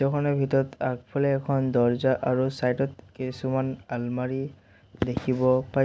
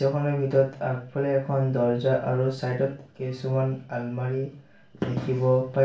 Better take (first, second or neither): first